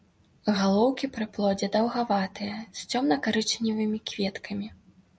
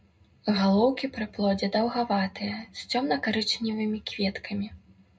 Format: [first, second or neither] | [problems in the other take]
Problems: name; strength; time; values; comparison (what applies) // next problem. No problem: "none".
first | room echo; dies away in 0.2 s